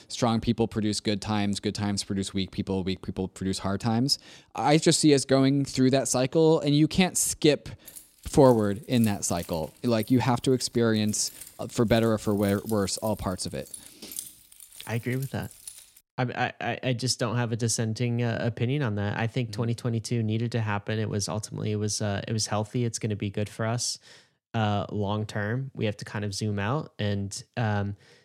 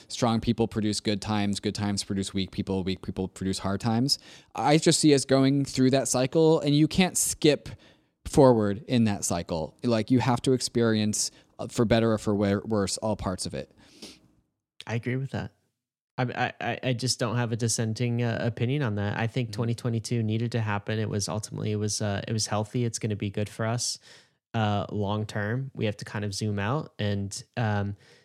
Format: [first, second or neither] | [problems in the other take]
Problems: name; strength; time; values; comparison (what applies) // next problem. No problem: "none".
second | jangling keys; faint; from 8 to 16 s; peak 10 dB below the speech